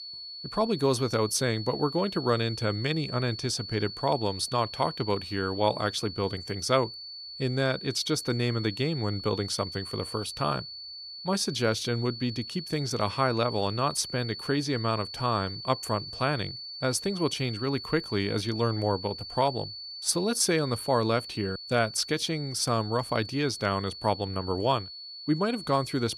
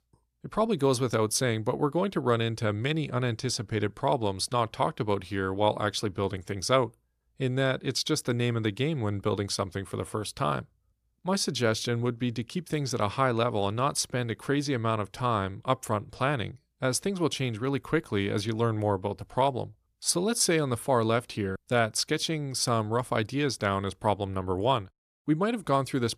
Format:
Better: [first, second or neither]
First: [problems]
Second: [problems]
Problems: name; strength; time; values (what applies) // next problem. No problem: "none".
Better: second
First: high-pitched whine; loud; throughout; 4.5 kHz, 9 dB below the speech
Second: none